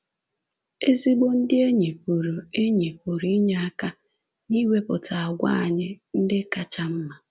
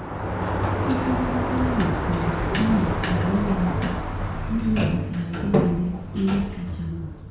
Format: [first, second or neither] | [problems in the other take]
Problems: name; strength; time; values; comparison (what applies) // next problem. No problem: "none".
first | background sound (Sliding door); 1 dB above the speech // room echo; dies away in 0.6 s